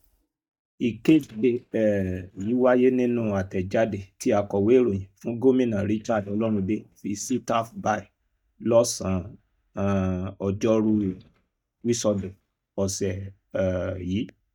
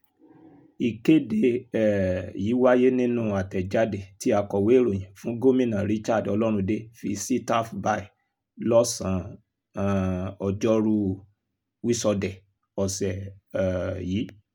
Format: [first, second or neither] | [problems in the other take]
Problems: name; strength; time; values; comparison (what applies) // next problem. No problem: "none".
second | noise reduction (neural mask model DeepFilterNet 3)